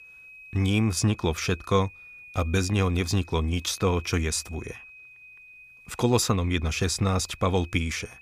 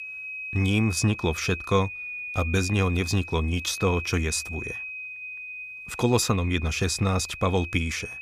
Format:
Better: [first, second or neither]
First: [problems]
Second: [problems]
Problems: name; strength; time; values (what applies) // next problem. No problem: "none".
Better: first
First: high-pitched whine; faint; throughout; 2.5 kHz, 20 dB below the speech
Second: high-pitched whine; loud; throughout; 2.5 kHz, 9 dB below the speech